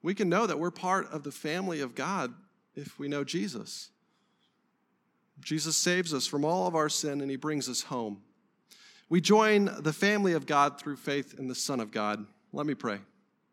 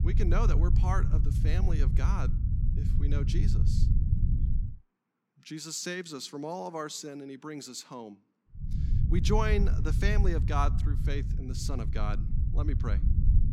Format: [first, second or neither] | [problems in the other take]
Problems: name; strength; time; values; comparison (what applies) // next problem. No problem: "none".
first | low rumble; loud; until 4.5 s and from 8.5 s on; 8 dB below the speech